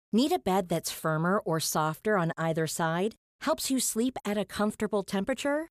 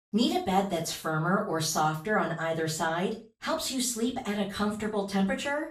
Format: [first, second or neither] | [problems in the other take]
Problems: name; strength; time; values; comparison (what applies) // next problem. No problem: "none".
first | room echo; slight; dies away in 0.3 s // off-mic speech; far